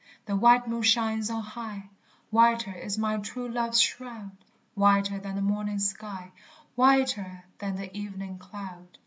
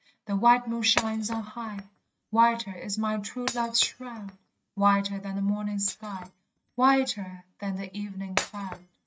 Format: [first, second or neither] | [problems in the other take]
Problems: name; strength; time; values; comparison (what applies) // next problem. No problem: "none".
first | noise reduction (neural mask model RNNoise)